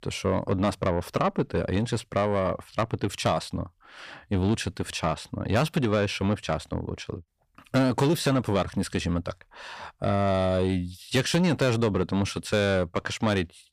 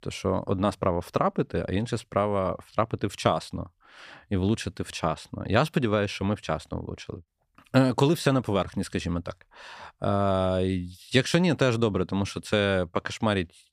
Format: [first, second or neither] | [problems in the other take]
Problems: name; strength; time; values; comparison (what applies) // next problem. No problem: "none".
second | distortion; slight; 10 dB below the speech